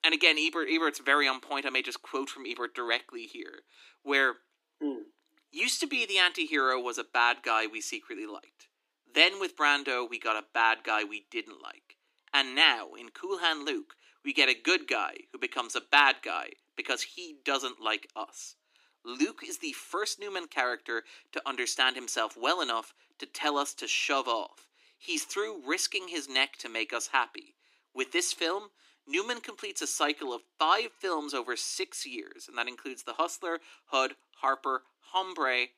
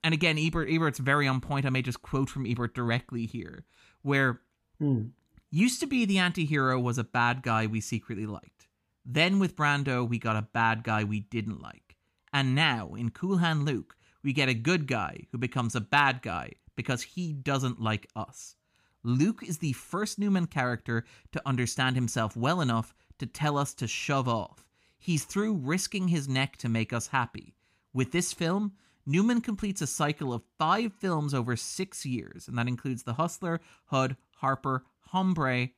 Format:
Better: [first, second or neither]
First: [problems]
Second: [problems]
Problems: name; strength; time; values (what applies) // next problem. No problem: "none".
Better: second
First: thin; very; fading below 300 Hz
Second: none